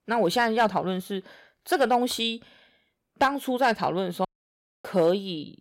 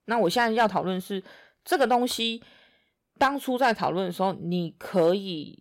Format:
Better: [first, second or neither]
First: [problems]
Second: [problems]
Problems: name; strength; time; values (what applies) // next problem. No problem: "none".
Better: second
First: audio cutting out; at 4.5 s for 0.5 s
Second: none